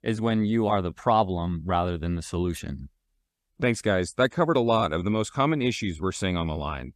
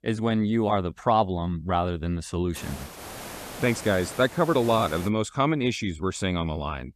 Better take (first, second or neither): first